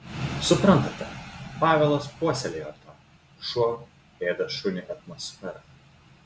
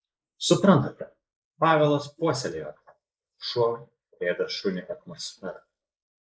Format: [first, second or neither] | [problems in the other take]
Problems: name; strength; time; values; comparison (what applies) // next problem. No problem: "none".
first | noise reduction (neural mask model Resemble Enhance denoiser)